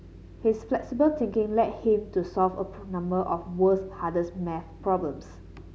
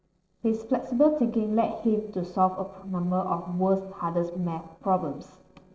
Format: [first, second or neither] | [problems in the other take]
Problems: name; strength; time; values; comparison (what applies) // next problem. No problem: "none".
first | noise reduction (neural separator model SepFormer DNS4)